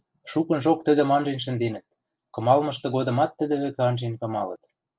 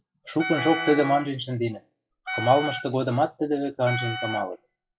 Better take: first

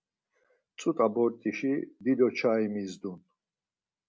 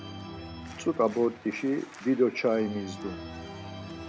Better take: first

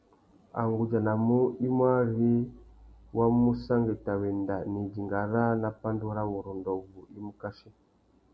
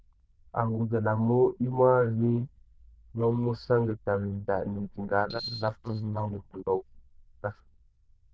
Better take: first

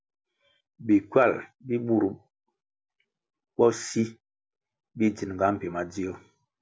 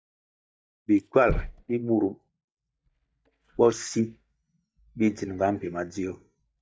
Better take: first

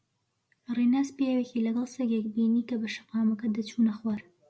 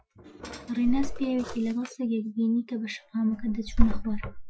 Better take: first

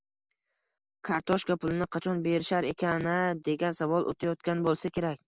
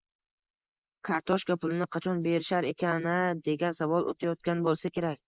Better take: first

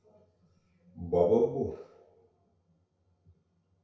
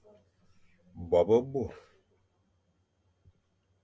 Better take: second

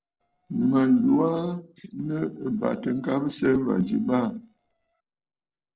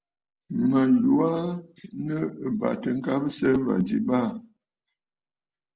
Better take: second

